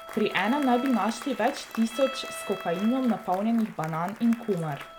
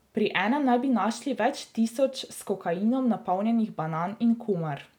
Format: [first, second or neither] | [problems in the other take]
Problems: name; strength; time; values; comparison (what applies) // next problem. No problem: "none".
second | background sound (Bowed string instrument + Applause); 13 dB below the speech